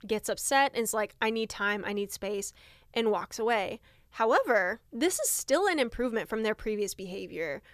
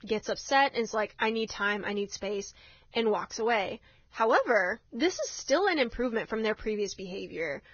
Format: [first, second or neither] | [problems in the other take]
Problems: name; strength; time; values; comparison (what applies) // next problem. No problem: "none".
first | garbled, watery; badly; nothing above 6.5 kHz